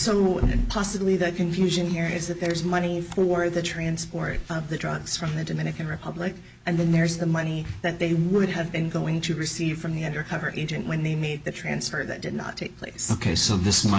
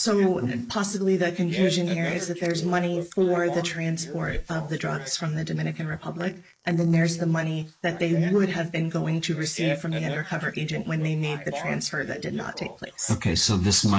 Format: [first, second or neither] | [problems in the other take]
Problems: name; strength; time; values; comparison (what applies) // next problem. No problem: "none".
first | noise reduction (neural mask model Resemble Enhance denoiser)